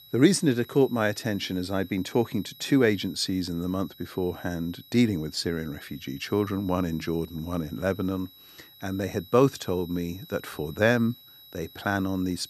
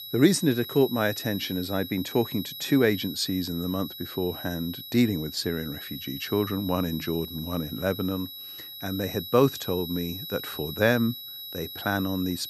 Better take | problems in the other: first | high-pitched whine; loud; throughout; 4 kHz, 9 dB below the speech; faint in the first

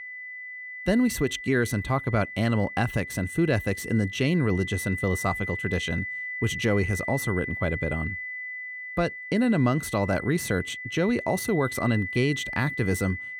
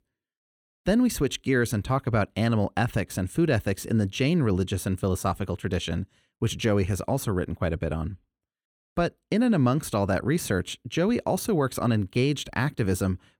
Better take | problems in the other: second | high-pitched whine; loud; throughout; 2 kHz, 7 dB below the speech

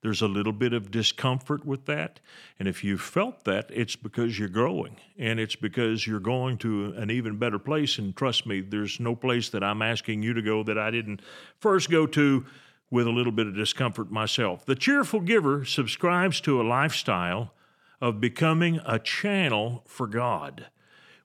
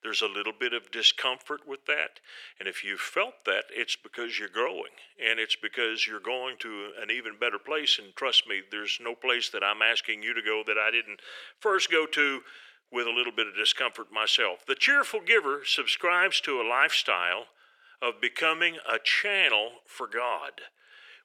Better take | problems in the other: first | thin; very; fading below 400 Hz

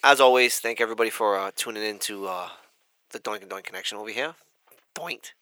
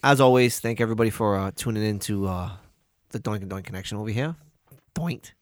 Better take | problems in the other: second | thin; very; fading below 450 Hz

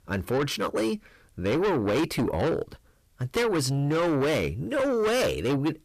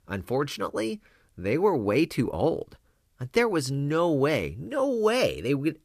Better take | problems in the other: second | distortion; heavy; 7 dB below the speech

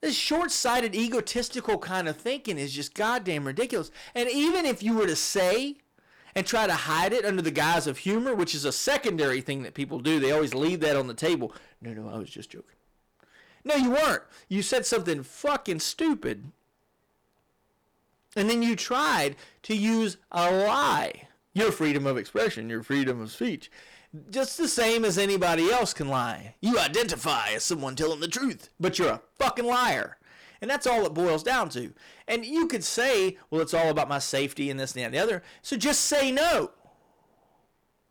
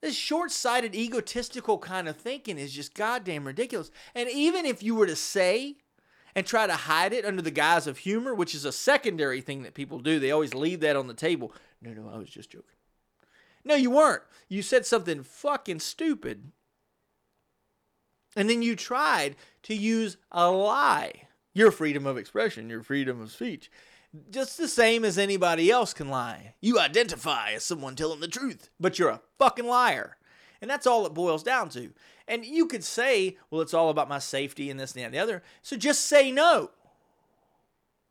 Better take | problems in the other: second | distortion; heavy; 13% of the sound clipped

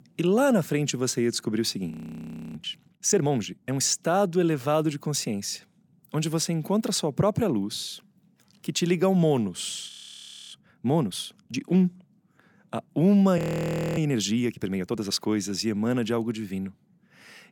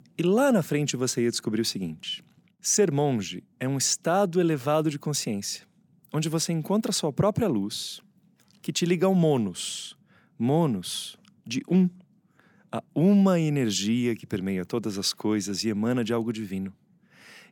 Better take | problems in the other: second | audio freezing; at 2 s for 0.5 s, at 10 s for 0.5 s and at 13 s for 0.5 s

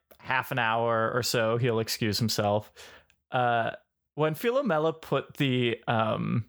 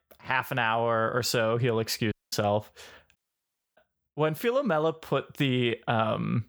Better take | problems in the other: first | audio cutting out; at 2 s and at 3 s for 0.5 s

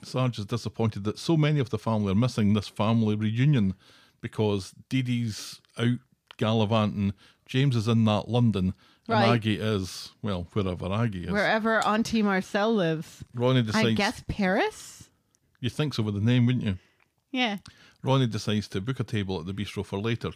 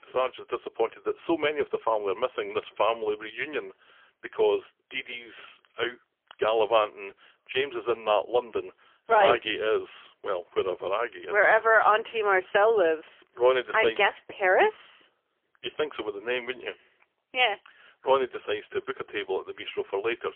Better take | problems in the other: first | phone-call audio; poor line; nothing above 3.5 kHz

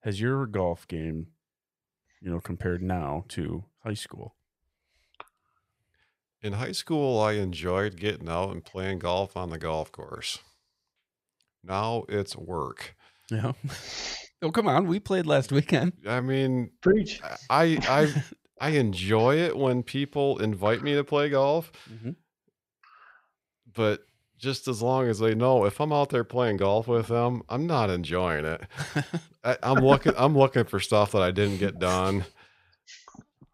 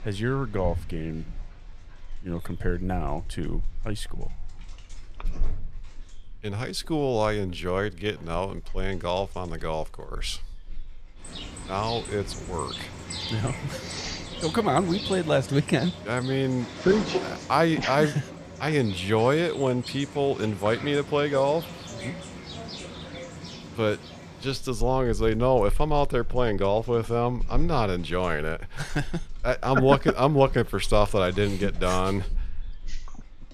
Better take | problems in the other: first | animal sounds; noticeable; throughout; 10 dB below the speech

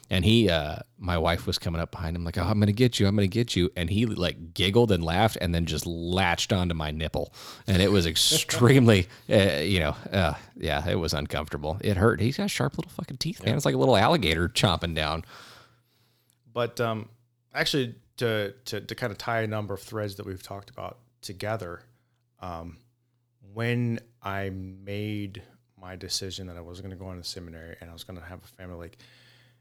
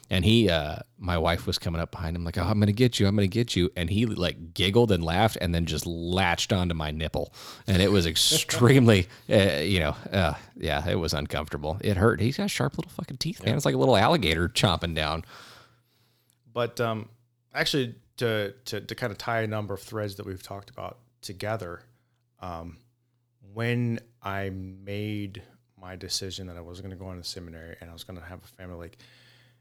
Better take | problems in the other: neither | none

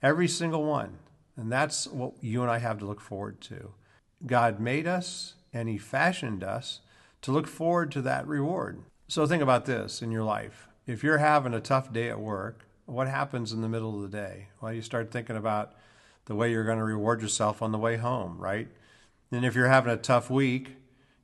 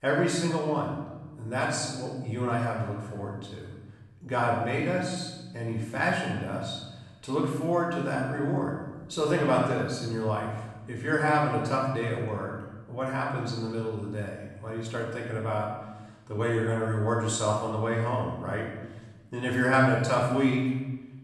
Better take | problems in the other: first | off-mic speech; far // room echo; noticeable; dies away in 1 s

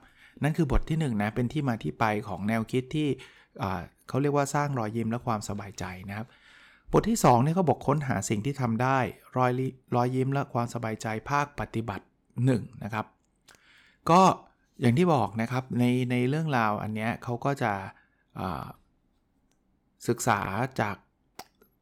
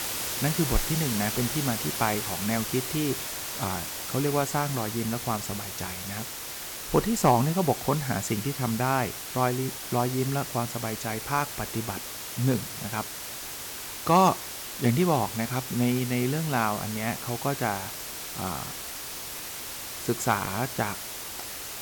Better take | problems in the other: first | hiss; loud; throughout; 5 dB below the speech

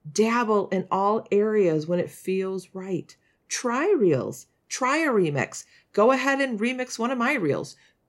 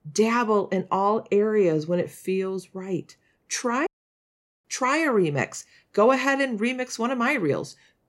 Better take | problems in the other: first | audio cutting out; at 4 s for 1 s

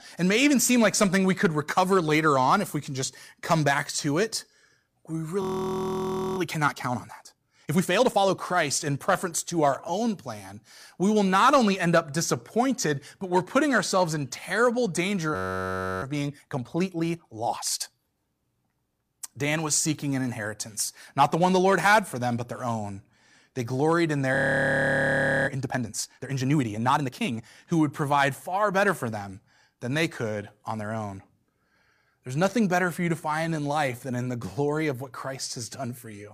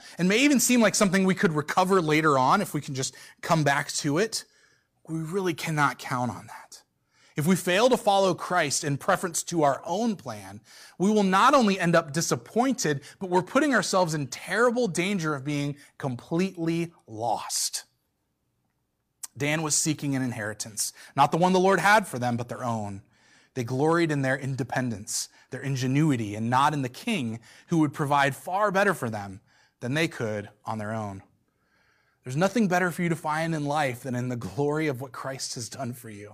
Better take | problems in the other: second | audio freezing; at 5.5 s for 1 s, at 15 s for 0.5 s and at 24 s for 1 s

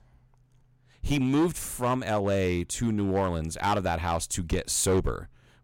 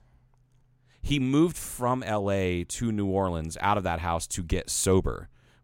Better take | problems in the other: second | distortion; slight; 5% of the sound clipped

